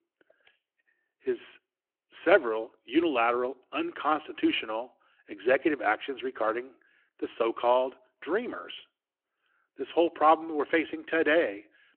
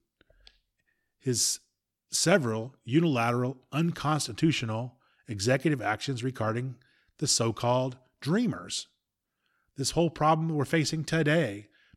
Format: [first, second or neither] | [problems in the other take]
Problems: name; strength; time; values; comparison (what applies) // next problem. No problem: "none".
second | phone-call audio